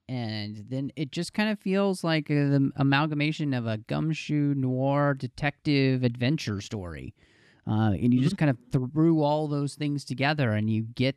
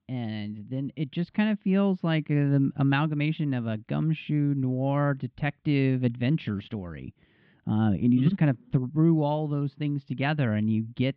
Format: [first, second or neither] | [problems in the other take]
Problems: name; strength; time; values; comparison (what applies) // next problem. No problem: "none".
first | muffled; slightly; fading above 3.5 kHz